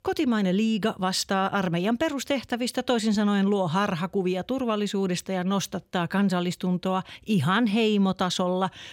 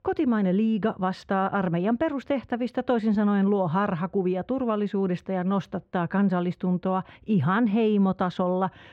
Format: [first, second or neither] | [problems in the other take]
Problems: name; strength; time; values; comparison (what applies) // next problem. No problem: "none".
first | muffled; very; fading above 4 kHz